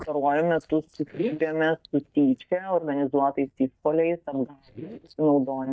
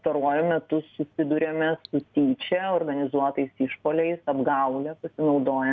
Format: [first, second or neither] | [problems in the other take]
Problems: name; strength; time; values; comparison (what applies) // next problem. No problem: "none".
second | noise reduction (neural mask model DeepFilterNet 3)